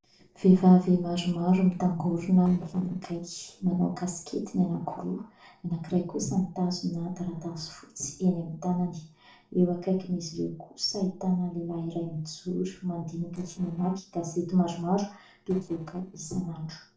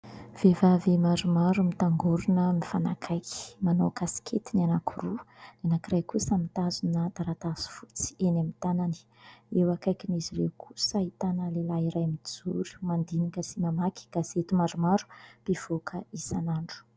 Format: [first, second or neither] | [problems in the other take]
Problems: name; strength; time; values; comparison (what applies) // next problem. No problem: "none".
second | noise reduction (neural separator model SepFormer DNS4)